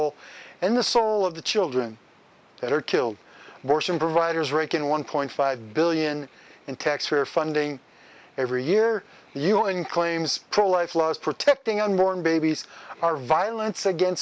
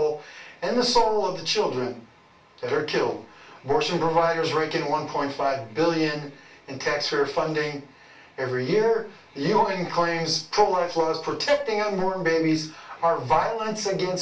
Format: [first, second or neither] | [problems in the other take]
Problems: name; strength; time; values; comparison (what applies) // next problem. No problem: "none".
first | room echo; dies away in 0.3 s